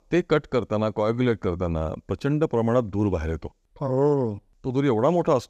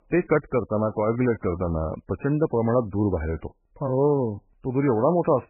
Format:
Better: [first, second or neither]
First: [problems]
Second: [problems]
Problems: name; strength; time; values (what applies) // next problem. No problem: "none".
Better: first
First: none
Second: garbled, watery; badly; nothing above 2.5 kHz